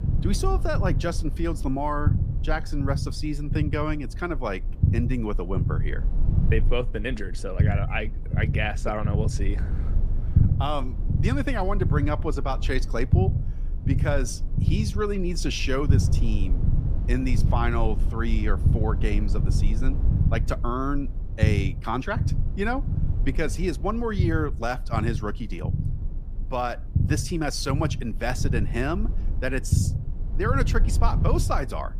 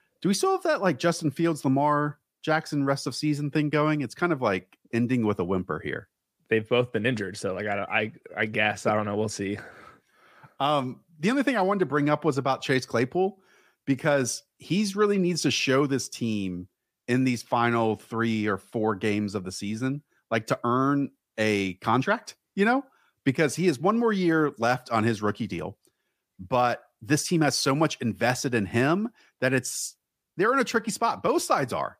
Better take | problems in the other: second | low rumble; loud; throughout; 10 dB below the speech

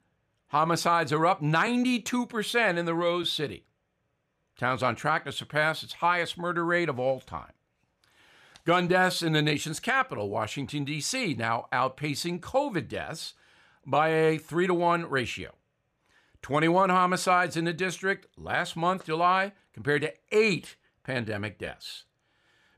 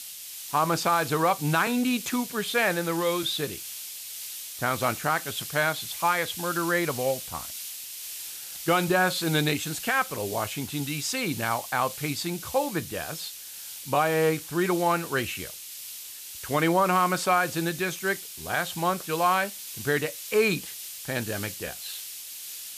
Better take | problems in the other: first | hiss; loud; throughout; 9 dB below the speech

